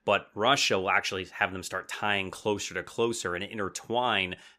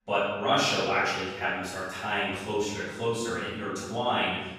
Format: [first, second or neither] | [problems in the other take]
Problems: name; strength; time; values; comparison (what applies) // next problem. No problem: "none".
first | off-mic speech; far // room echo; strong; dies away in 1.2 s